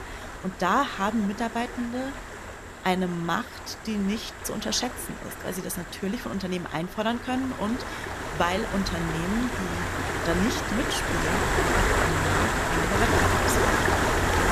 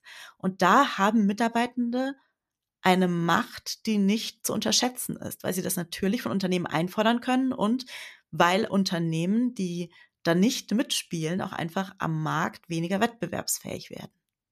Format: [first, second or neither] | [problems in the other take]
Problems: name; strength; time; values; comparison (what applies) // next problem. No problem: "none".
second | rain or running water; very loud; throughout; 3 dB above the speech